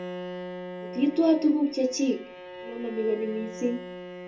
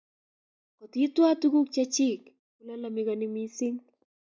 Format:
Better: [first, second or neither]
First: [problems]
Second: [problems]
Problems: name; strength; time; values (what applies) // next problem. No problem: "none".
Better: second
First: background sound (Bowed string instrument); 11 dB below the speech // room echo; dies away in 0.3 s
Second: none